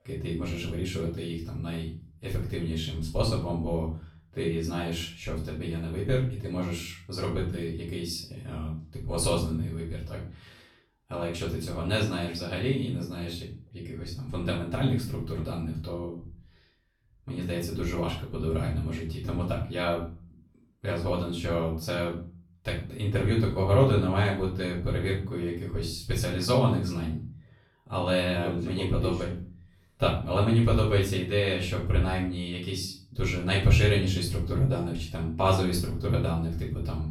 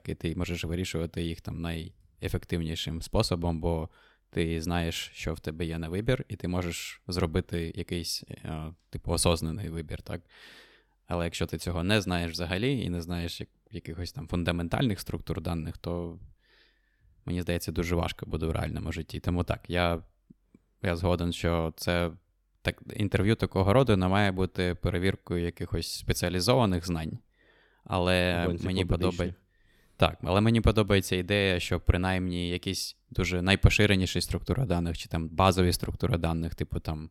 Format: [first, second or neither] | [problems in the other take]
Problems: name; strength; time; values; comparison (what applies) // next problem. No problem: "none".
second | off-mic speech; far // room echo; noticeable; dies away in 0.4 s